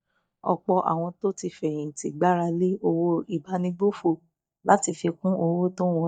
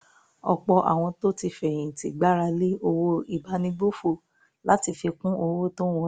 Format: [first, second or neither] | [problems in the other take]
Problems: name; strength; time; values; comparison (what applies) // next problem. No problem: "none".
second | noise reduction (neural mask model DeepFilterNet 3)